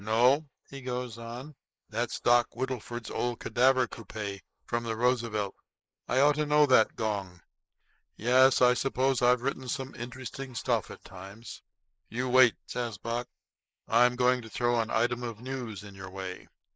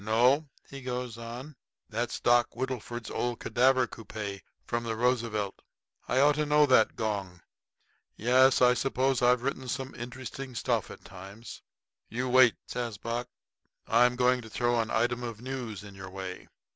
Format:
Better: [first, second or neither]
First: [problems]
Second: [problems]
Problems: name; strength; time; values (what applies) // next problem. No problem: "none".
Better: second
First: noise reduction (neural mask model Resemble Enhance denoiser)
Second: none